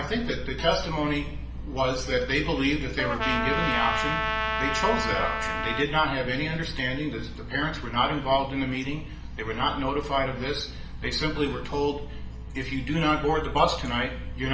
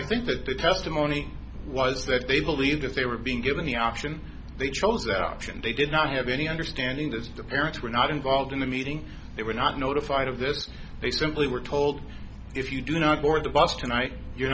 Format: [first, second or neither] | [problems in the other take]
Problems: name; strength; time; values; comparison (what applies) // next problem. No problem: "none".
second | background sound (Trumpet); 2 dB below the speech // room echo; dies away in 1 s